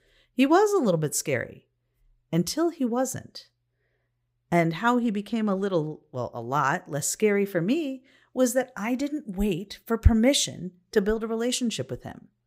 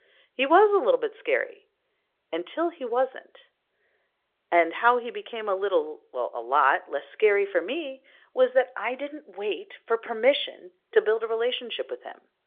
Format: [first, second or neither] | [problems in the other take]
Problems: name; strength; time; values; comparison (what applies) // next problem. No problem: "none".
first | phone-call audio; nothing above 3.5 kHz